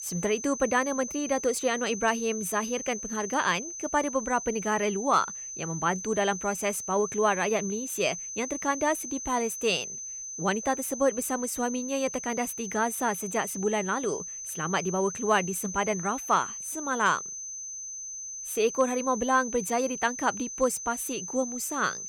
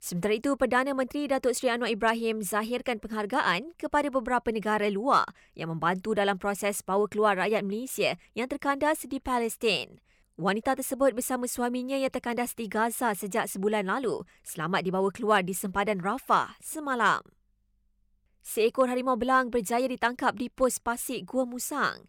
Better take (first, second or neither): second